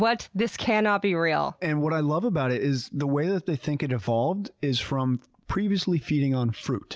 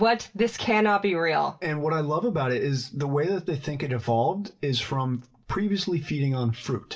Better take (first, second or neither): first